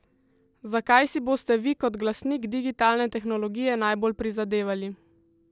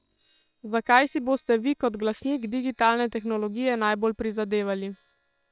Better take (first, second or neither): first